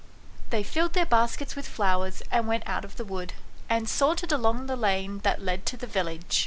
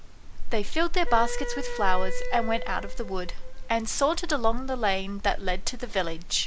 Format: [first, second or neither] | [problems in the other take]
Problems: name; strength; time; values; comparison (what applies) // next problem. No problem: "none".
first | background sound (Wind instrument, woodwind instrument); 14 dB below the speech